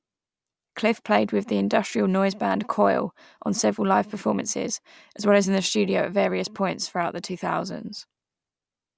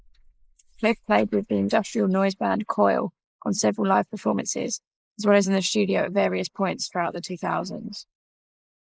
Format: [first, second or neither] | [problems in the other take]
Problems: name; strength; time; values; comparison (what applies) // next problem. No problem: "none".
first | noise reduction (neural mask model Resemble Enhance denoiser)